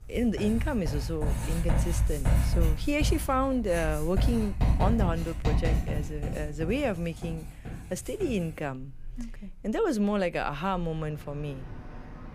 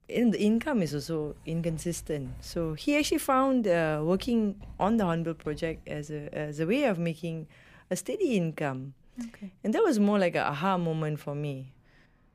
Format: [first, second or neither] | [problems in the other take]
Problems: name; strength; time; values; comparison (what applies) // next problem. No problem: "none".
second | household noises; loud; throughout; as loud as the speech; faint in the second